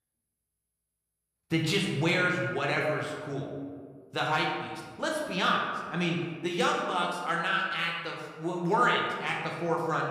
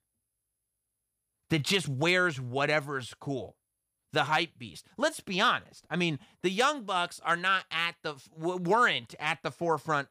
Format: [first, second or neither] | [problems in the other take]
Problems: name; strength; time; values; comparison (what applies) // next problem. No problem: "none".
second | room echo; noticeable; dies away in 1.4 s // off-mic speech; somewhat distant